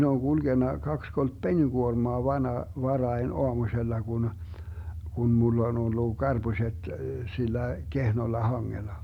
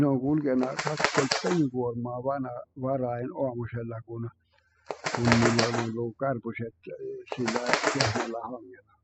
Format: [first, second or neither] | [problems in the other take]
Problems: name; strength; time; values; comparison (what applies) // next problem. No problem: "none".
first | noise reduction (classical method spectral subtraction)